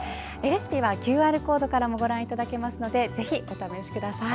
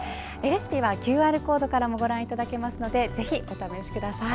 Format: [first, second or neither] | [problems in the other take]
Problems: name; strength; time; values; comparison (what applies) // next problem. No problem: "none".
first | background sound (Purr); 17 dB below the speech